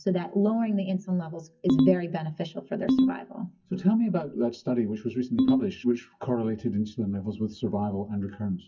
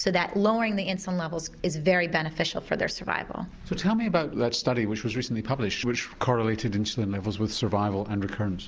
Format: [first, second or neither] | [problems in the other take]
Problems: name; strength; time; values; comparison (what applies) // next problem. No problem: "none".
second | noise reduction (classical method WPE with log-MMSE)